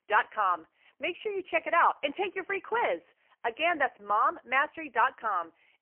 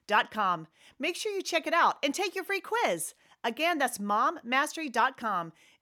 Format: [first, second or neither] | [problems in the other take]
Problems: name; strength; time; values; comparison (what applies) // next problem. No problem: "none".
second | phone-call audio; poor line; nothing above 3 kHz